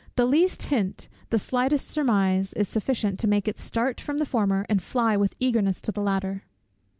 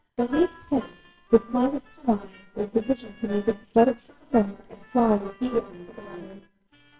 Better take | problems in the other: first | noise reduction (neural separator model SepFormer WHAMR!)

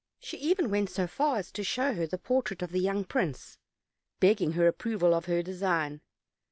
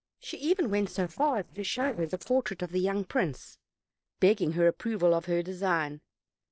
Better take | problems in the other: first | noise reduction (neural separator model SepFormer DNS4)

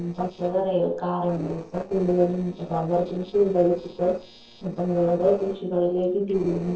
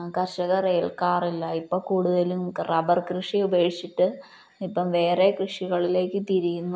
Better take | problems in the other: second | noise reduction (neural separator model SepFormer DNS4)

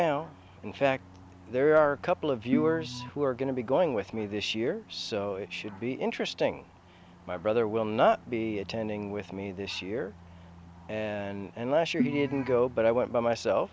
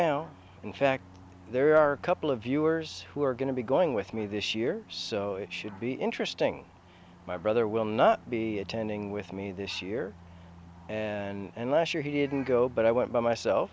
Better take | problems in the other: second | background sound (Organ); 6 dB below the speech

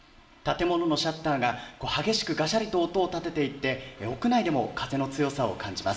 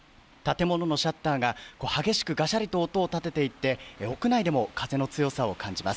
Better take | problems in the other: second | room echo; dies away in 1.1 s

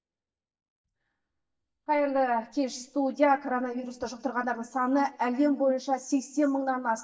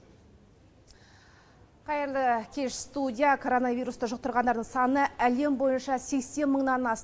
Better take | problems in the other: second | noise reduction (neural mask model DeepFilterNet 3)

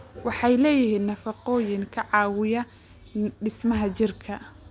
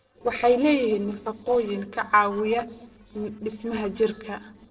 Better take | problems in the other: first | noise reduction (neural separator model SepFormer DNS4)

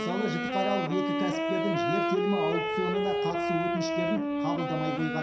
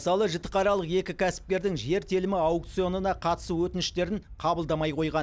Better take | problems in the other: second | background sound (Wind instrument, woodwind instrument); 2 dB above the speech // room echo; dies away in 0.7 s

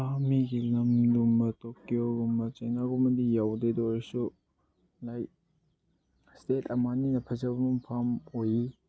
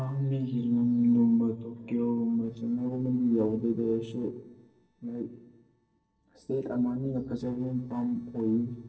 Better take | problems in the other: first | noise reduction (neural separator model SepFormer DNS4)

